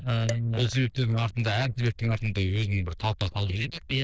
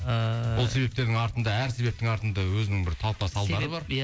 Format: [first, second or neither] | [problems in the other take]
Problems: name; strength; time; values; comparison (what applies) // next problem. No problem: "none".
second | noise reduction (neural diffusion model UNIVERSE++)